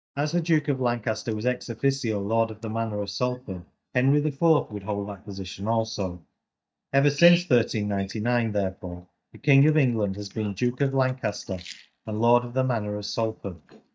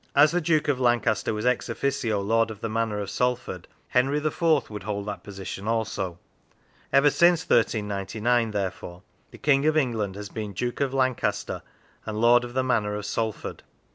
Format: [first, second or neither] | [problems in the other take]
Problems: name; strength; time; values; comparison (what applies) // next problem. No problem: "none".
second | noise reduction (neural mask model DeepFilterNet 3)